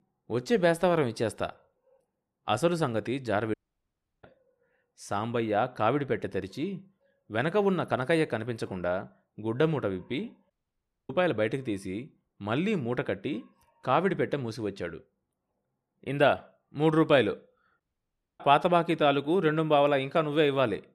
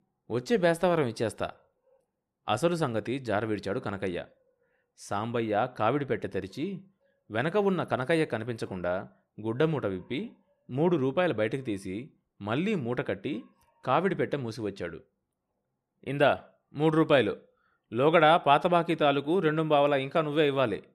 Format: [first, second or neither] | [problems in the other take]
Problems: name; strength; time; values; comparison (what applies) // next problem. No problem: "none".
second | audio cutting out; at 3.5 s for 0.5 s, at 11 s for 0.5 s and at 18 s for 0.5 s